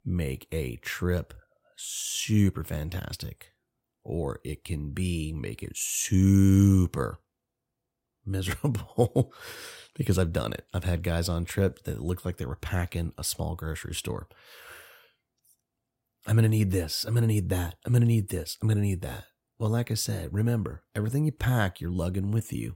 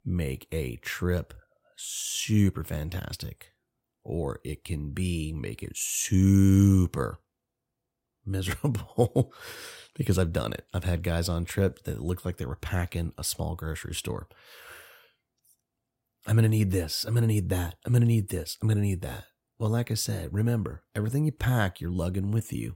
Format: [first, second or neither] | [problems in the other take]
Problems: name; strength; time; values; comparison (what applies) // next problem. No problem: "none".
neither | none